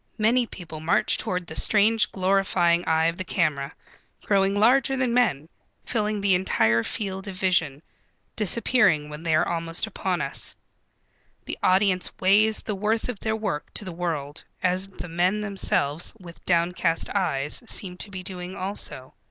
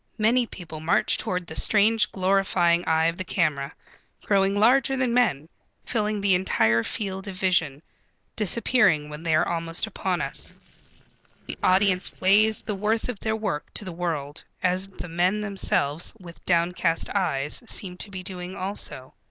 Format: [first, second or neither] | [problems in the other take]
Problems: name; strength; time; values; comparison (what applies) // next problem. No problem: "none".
first | noise reduction (neural separator model SepFormer DNS4)